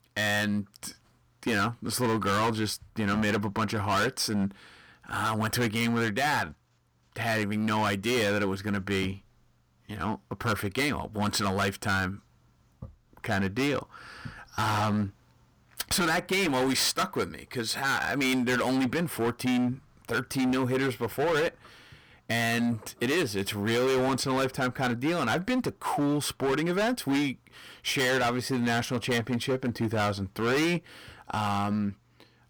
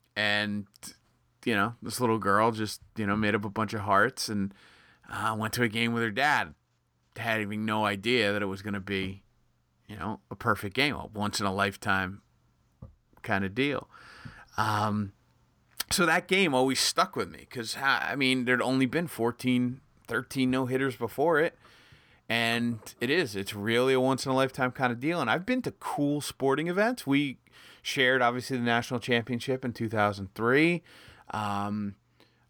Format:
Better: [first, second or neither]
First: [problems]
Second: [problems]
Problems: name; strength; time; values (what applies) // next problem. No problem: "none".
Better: second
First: distortion; heavy; 16% of the sound clipped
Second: none